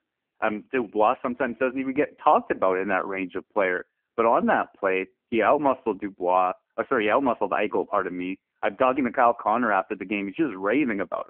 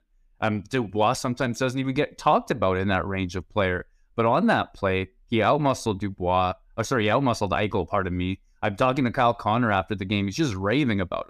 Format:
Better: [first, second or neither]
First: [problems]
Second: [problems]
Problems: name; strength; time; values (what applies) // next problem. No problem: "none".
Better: second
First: phone-call audio; poor line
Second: none